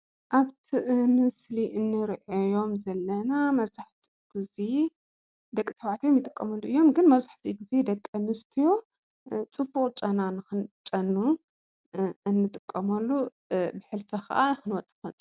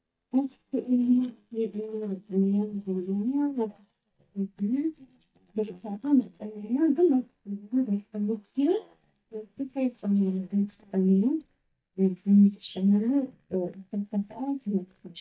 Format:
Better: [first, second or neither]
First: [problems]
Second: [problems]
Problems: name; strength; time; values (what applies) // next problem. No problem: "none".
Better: first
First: none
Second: noise reduction (neural mask model DeepFilterNet 3)